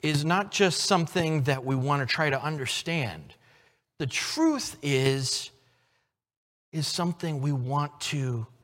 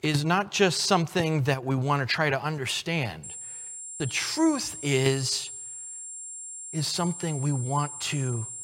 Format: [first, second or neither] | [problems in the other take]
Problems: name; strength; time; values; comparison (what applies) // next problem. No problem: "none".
first | high-pitched whine; loud; from 3 s on; 7.5 kHz, 10 dB below the speech